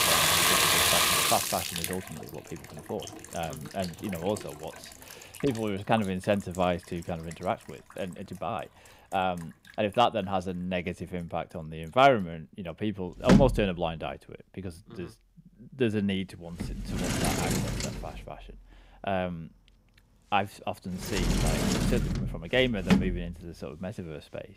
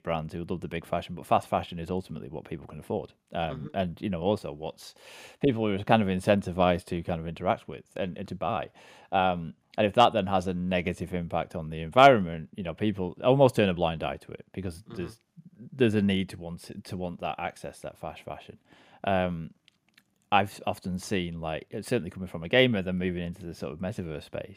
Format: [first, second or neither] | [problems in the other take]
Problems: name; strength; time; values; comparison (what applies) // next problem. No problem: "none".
second | household noises; very loud; throughout; 5 dB above the speech